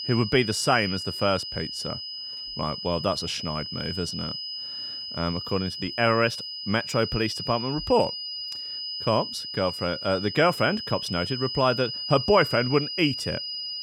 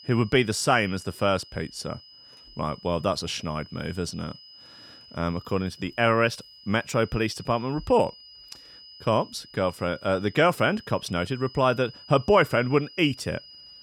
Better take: second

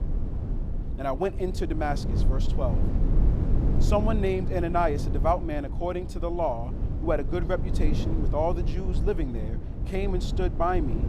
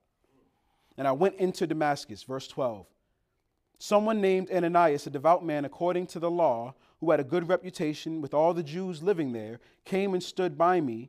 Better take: second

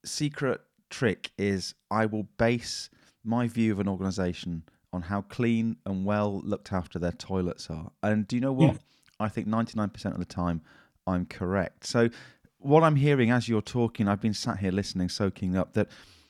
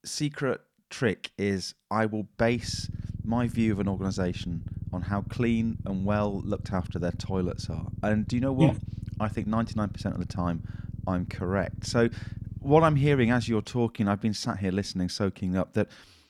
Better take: first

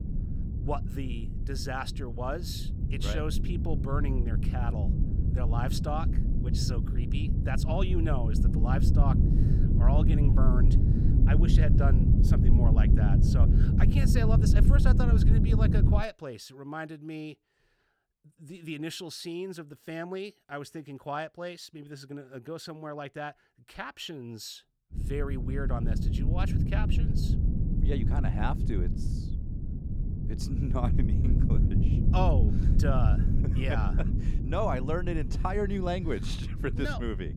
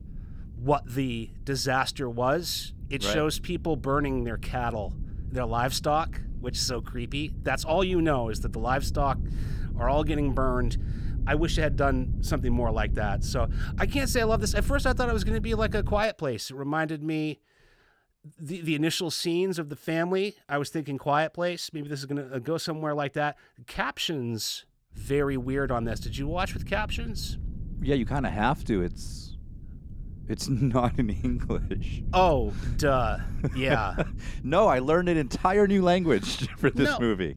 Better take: second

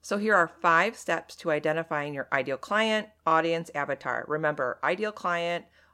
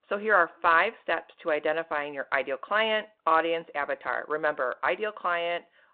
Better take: first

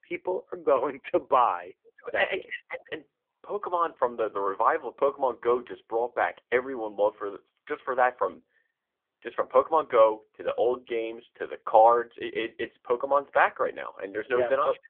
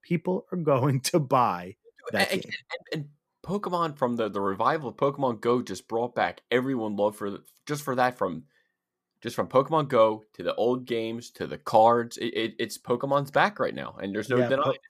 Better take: second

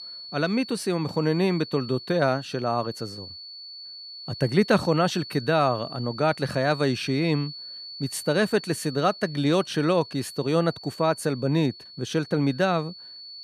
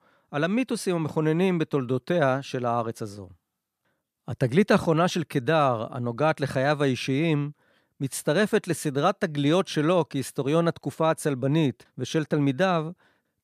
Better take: second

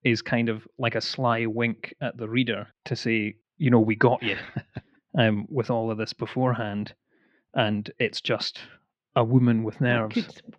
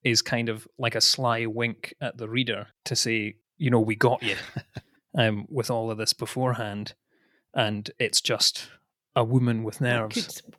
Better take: second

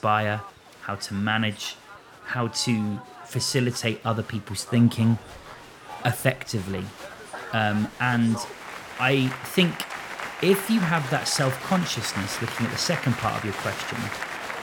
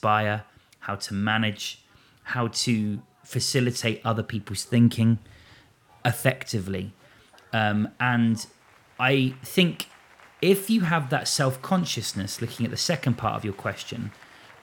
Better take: second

